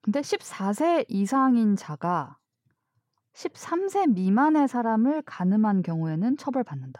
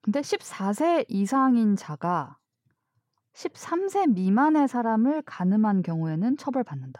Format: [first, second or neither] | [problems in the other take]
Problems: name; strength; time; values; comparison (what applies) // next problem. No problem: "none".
neither | none